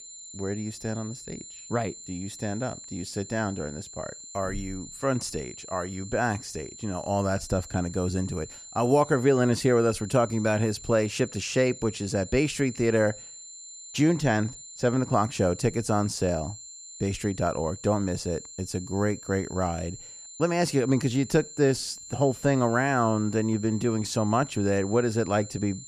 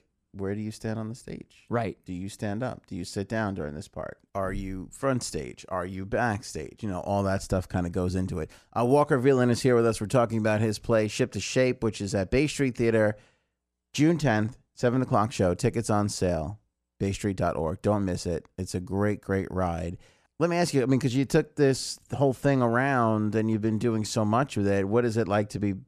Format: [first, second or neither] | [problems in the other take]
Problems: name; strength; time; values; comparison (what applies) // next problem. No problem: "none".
second | high-pitched whine; noticeable; throughout; 7 kHz, 15 dB below the speech